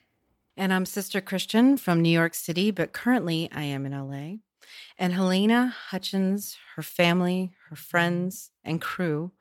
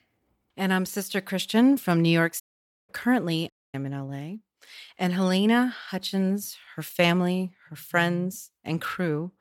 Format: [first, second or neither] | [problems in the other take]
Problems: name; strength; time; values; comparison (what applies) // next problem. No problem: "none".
first | audio cutting out; at 2.5 s and at 3.5 s